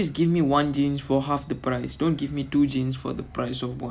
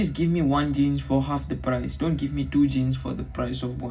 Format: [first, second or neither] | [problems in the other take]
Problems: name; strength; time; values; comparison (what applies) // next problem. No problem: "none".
first | room echo; dies away in 0.4 s